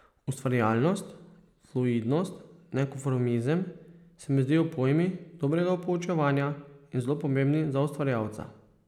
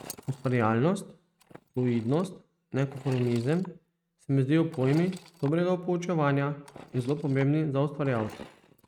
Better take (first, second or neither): first